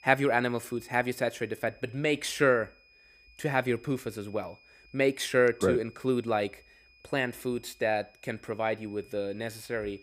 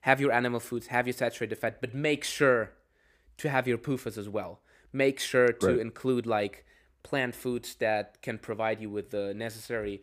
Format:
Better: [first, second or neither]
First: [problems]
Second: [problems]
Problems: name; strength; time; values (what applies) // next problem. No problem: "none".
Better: second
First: high-pitched whine; faint; throughout; 2.5 kHz, 25 dB below the speech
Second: none